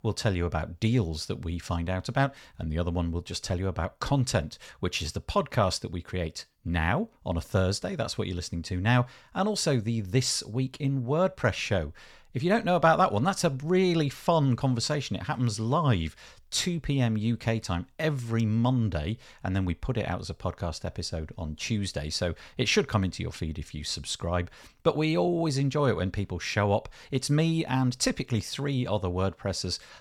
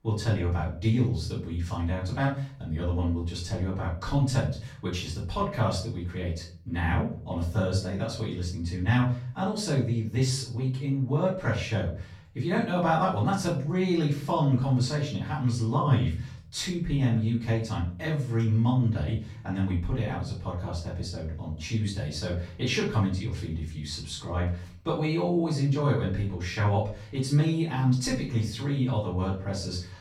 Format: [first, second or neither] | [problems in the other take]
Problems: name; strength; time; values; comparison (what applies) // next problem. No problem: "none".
first | off-mic speech; far // room echo; noticeable; dies away in 0.4 s